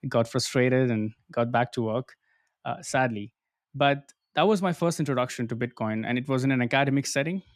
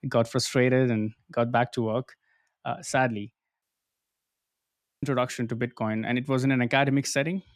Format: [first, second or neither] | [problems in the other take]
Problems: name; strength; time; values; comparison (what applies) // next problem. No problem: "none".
first | audio cutting out; at 3.5 s for 1.5 s